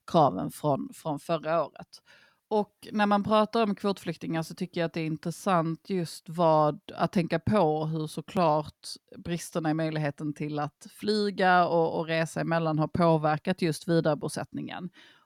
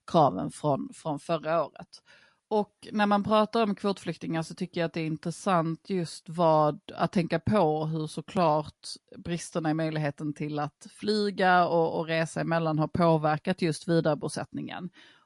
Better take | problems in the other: first | garbled, watery; slightly; nothing above 11 kHz

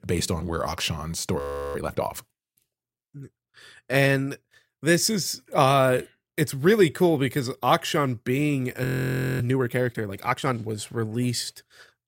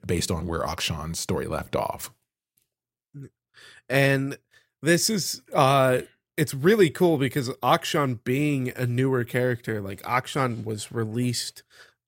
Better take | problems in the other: second | audio freezing; at 1.5 s and at 9 s for 0.5 s

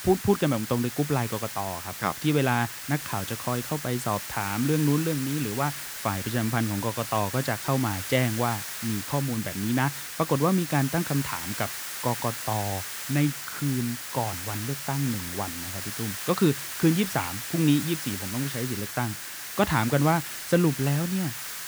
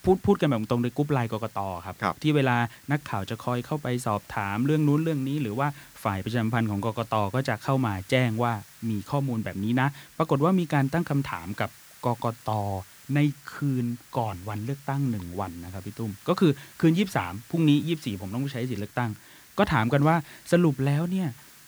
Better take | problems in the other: second | hiss; loud; throughout; 6 dB below the speech; faint in the second

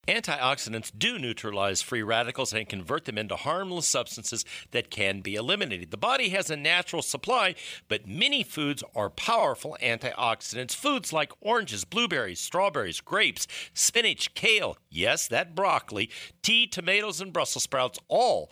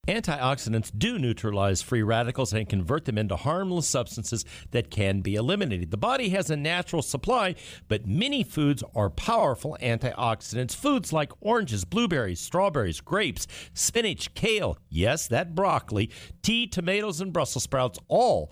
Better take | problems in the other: second | thin; somewhat; fading below 600 Hz

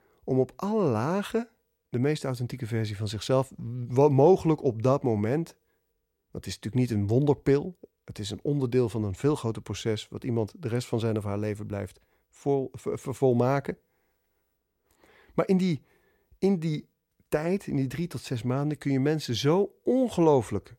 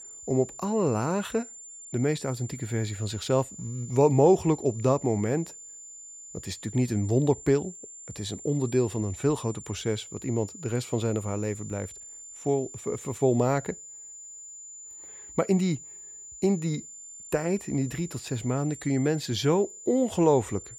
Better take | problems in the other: first | high-pitched whine; noticeable; throughout; 7 kHz, 15 dB below the speech

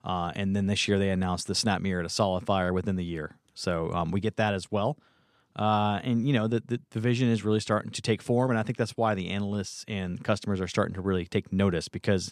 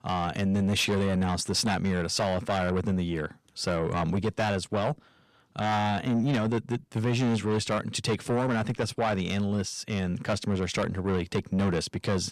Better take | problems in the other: first | distortion; heavy; 8 dB below the speech

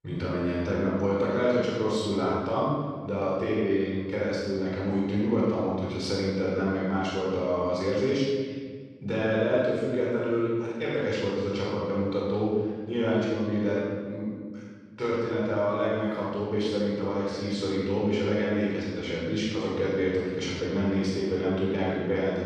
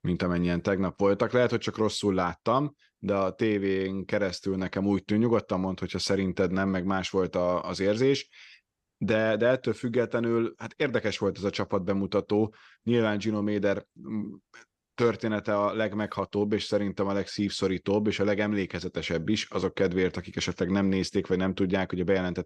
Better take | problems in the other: second | off-mic speech; far // room echo; strong; dies away in 1.5 s

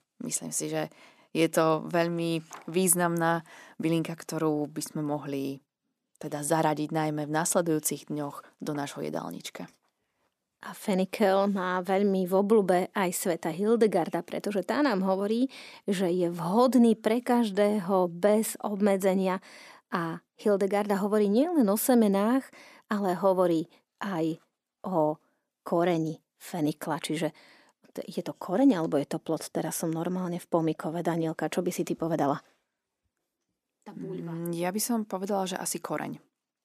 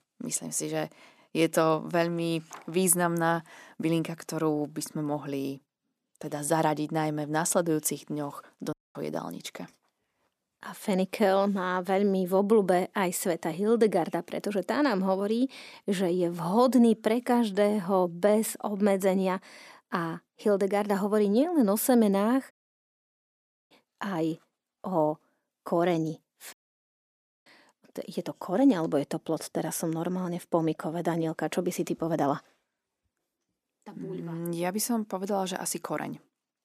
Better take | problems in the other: first | audio cutting out; at 8.5 s, at 23 s for 1 s and at 27 s for 1 s

